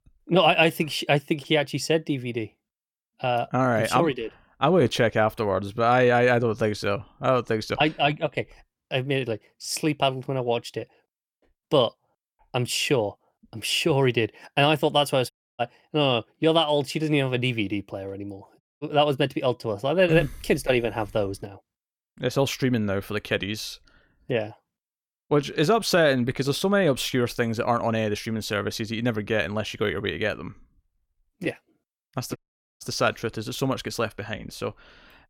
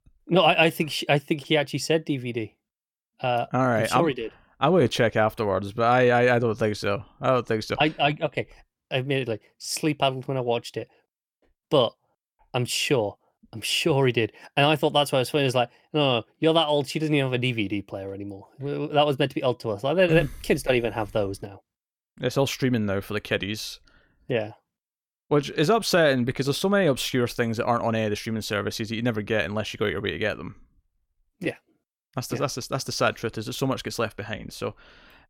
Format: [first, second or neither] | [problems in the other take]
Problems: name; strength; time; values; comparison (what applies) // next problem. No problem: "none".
second | audio cutting out; at 15 s, at 19 s and at 32 s